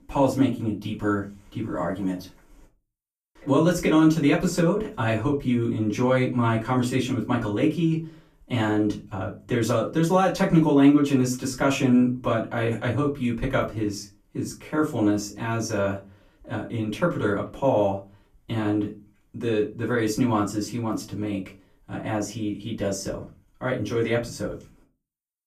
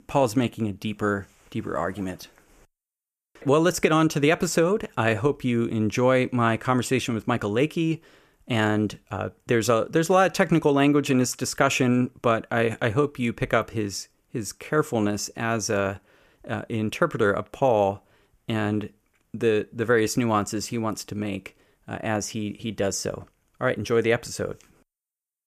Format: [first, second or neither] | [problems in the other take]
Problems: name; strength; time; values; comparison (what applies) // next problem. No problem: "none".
second | off-mic speech; far // room echo; very slight; dies away in 0.2 s